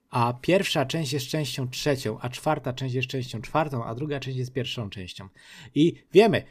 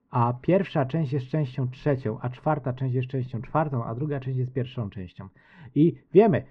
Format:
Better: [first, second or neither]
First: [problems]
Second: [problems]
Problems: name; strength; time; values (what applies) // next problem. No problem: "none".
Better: first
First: none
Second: muffled; very; fading above 1.5 kHz